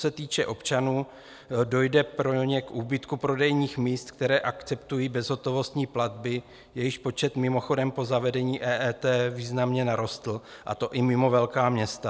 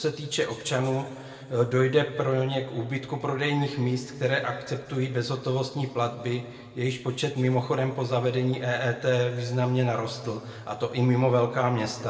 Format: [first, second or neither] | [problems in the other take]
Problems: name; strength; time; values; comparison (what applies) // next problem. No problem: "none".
first | room echo; dies away in 1.7 s